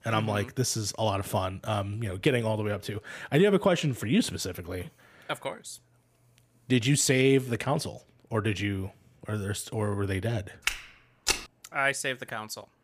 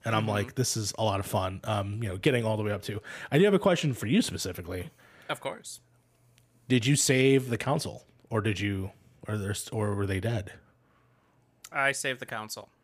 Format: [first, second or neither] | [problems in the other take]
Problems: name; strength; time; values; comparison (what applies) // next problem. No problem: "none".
second | footsteps; noticeable; at 11 s; peak level with the speech